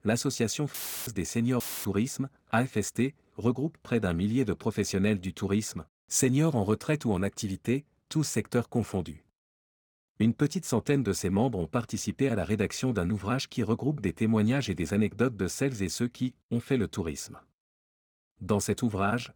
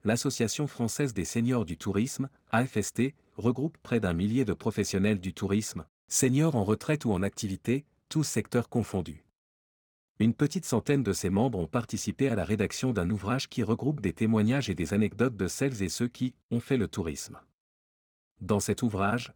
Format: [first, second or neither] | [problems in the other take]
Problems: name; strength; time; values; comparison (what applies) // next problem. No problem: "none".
second | audio cutting out; filled with static; at 0.5 s and at 1.5 s